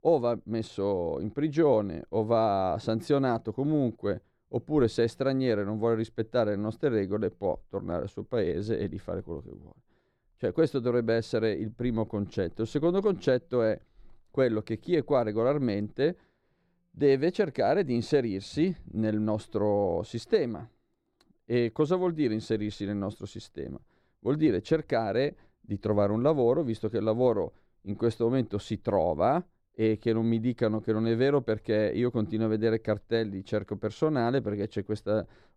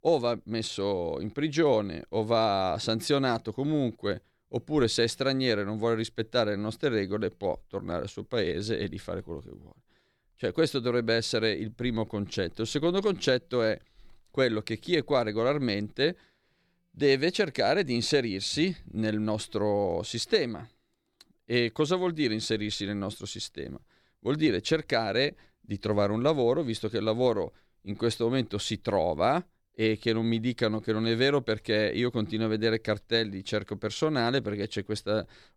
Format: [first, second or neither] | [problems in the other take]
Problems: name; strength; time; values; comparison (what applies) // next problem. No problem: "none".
second | muffled; slightly; fading above 1.5 kHz